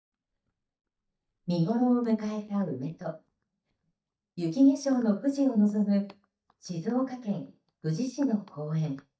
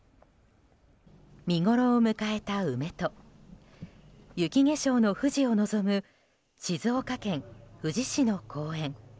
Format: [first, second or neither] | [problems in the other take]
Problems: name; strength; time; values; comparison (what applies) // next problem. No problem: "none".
second | noise reduction (neural mask model DeepFilterNet 3)